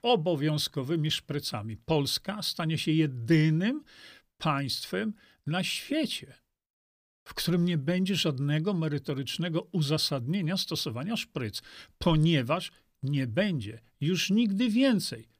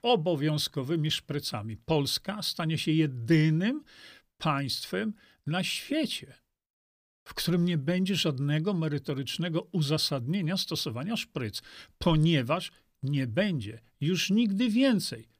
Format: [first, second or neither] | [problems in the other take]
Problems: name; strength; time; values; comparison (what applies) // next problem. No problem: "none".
neither | none